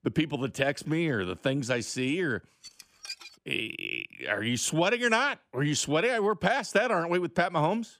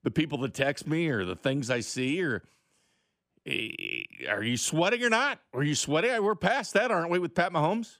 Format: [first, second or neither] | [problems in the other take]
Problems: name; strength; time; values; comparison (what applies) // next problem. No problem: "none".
second | clattering dishes; faint; at 2.5 s; peak 10 dB below the speech